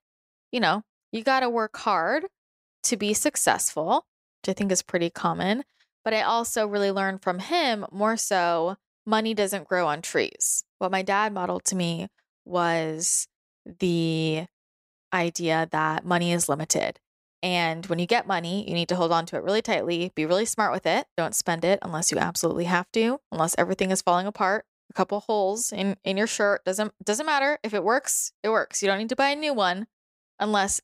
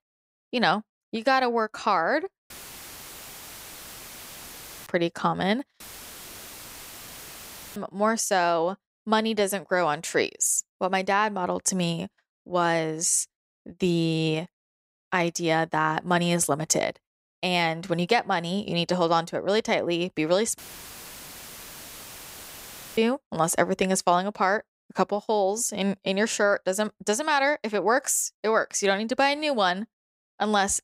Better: first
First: none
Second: audio cutting out; filled with static; at 2.5 s for 2.5 s, at 6 s for 2 s and at 21 s for 2.5 s

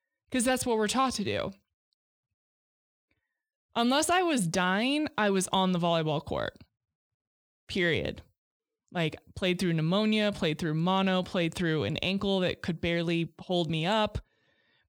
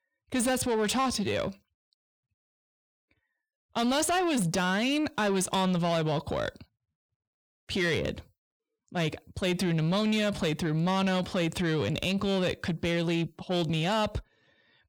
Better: first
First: none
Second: distortion; slight; 10 dB below the speech

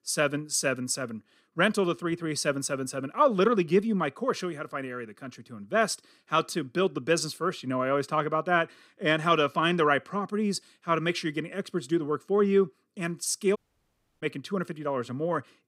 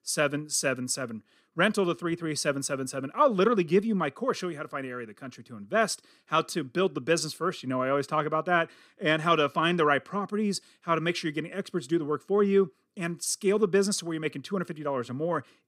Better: second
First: audio cutting out; at 14 s for 0.5 s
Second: none

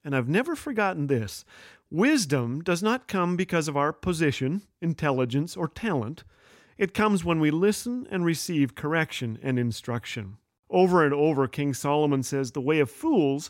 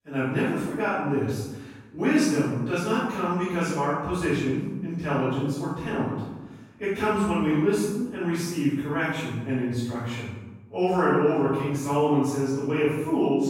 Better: first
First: none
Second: room echo; strong; dies away in 0.9 s // off-mic speech; far

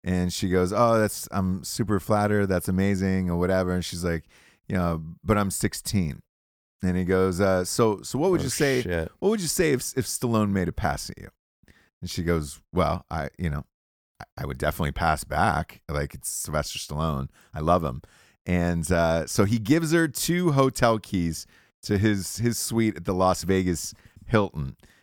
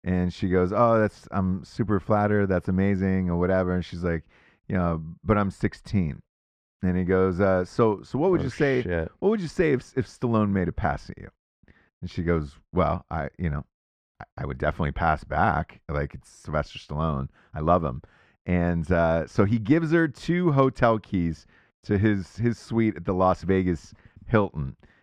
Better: first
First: none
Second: muffled; very; fading above 2.5 kHz

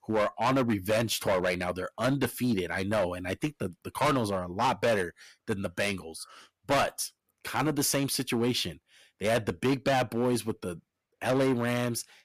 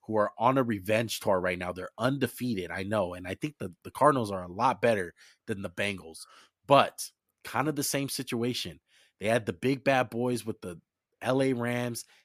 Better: second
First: distortion; heavy; 9% of the sound clipped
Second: none

